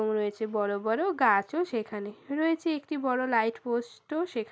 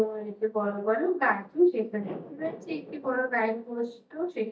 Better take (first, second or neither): first